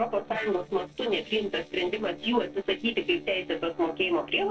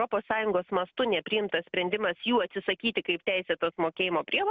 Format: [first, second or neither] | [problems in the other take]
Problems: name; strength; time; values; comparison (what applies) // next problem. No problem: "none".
second | noise reduction (neural separator model SepFormer DNS4)